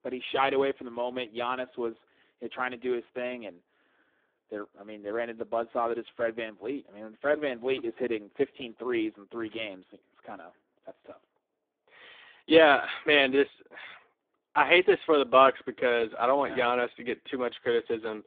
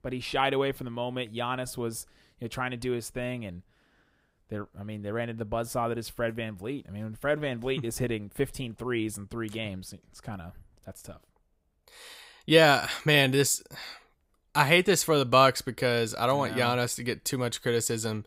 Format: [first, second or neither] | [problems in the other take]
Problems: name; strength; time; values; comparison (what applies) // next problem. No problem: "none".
second | phone-call audio; poor line; nothing above 3.5 kHz